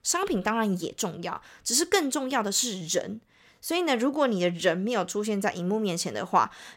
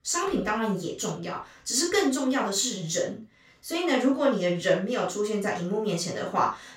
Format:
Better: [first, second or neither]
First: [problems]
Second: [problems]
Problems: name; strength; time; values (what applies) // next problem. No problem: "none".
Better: first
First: none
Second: room echo; noticeable; dies away in 0.3 s // off-mic speech; far